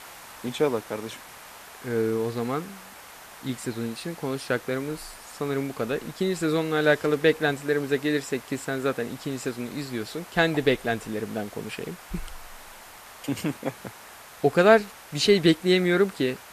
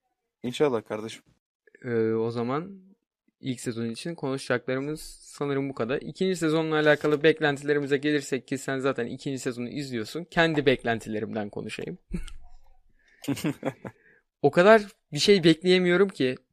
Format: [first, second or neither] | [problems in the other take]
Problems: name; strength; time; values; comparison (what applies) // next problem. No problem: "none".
second | hiss; noticeable; throughout; 20 dB below the speech